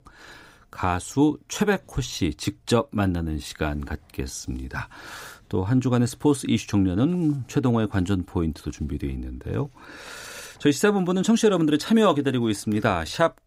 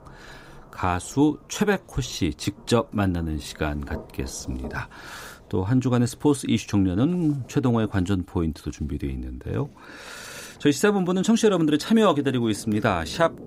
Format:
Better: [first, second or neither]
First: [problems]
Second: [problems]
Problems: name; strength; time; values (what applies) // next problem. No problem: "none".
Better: first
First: none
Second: rain or running water; faint; throughout; 20 dB below the speech